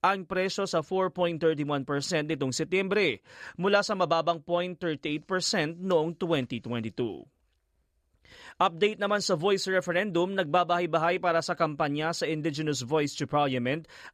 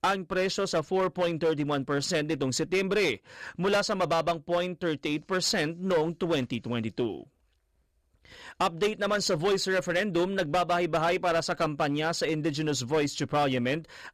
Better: first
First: none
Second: distortion; slight; 9% of the sound clipped

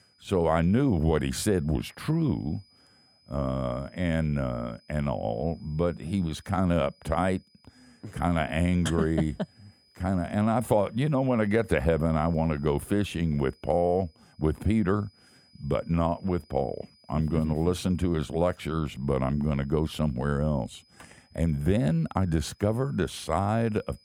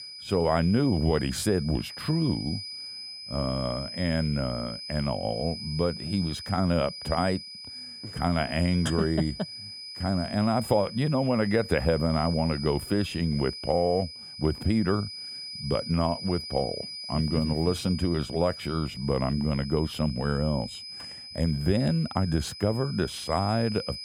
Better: first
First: high-pitched whine; faint; throughout; 5 kHz, 35 dB below the speech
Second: high-pitched whine; loud; throughout; 5 kHz, 10 dB below the speech

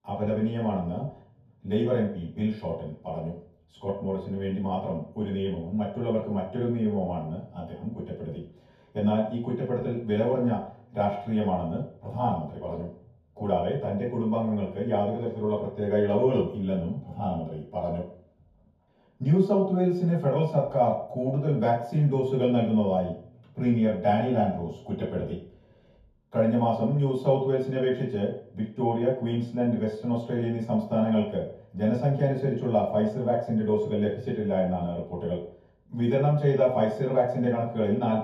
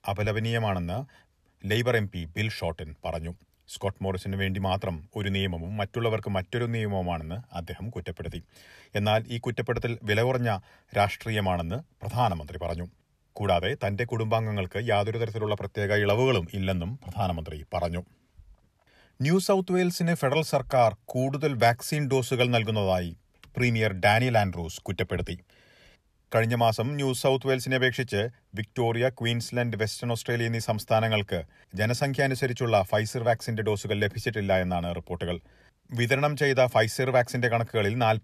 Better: second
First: room echo; noticeable; dies away in 0.6 s // off-mic speech; far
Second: none

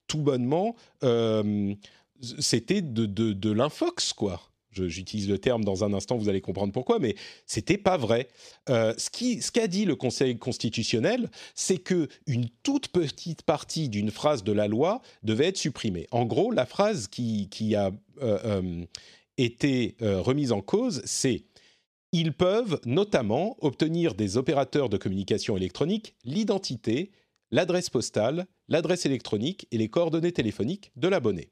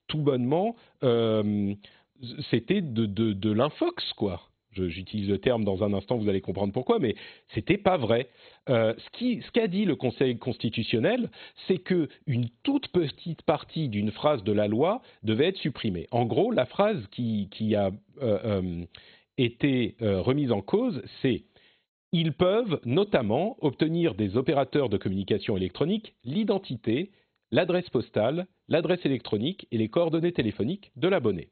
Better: first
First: none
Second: garbled, watery; badly; nothing above 4 kHz

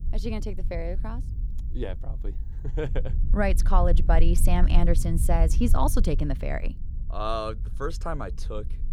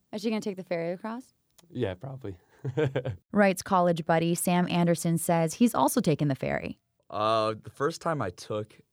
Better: second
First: low rumble; noticeable; throughout; 15 dB below the speech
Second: none

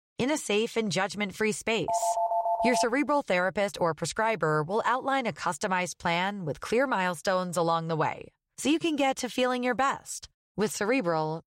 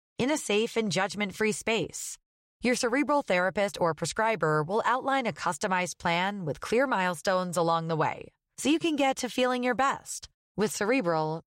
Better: second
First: phone ringing; loud; at 2 s; peak 1 dB above the speech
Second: none

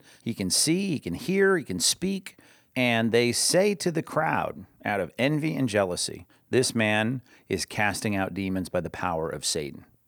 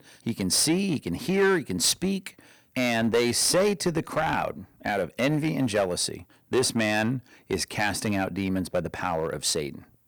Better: first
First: none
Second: distortion; slight; 5% of the sound clipped

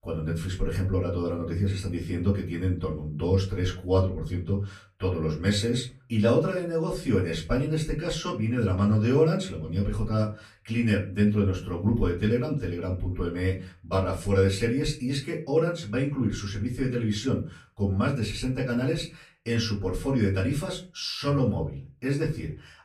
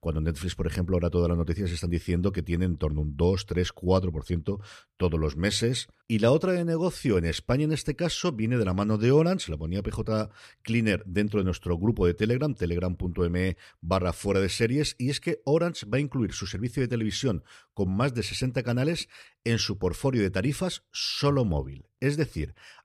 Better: second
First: off-mic speech; far // room echo; very slight; dies away in 0.3 s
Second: none

